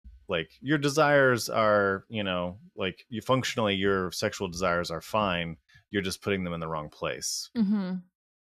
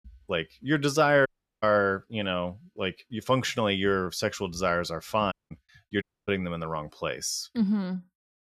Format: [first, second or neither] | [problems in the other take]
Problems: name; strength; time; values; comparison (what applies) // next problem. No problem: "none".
first | audio cutting out; at 1.5 s, at 5.5 s and at 6 s